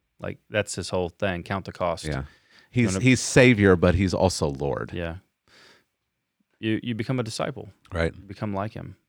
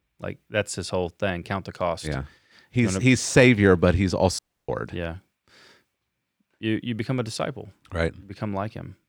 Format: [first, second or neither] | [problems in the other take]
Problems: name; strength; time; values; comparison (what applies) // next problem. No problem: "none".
first | audio cutting out; at 4.5 s